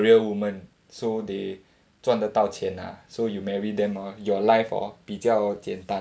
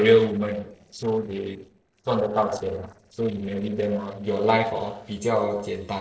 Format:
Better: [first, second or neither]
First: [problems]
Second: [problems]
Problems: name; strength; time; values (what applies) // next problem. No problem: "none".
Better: first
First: none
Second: noise reduction (neural separator model SepFormer DNS4)